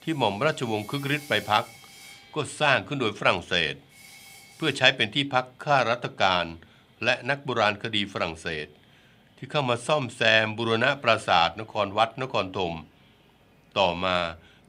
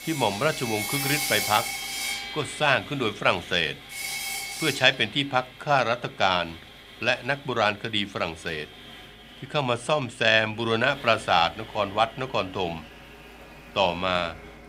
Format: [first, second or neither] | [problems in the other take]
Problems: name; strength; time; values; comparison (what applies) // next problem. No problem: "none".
first | machinery noise; loud; throughout; 8 dB below the speech; faint in the first